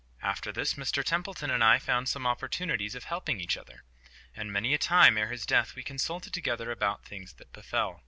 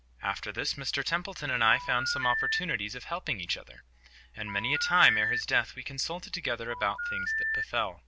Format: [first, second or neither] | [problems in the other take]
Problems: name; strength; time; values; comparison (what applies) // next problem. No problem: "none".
first | background sound (Telephone); 4 dB below the speech